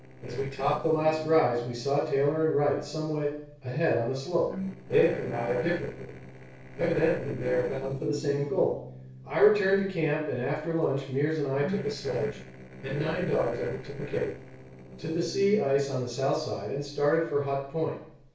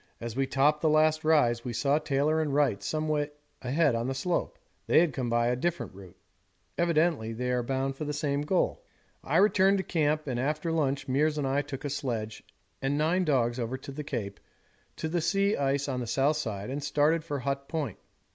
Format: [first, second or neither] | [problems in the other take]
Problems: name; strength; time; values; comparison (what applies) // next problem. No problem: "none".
second | noise reduction (neural separator model SepFormer DNS4)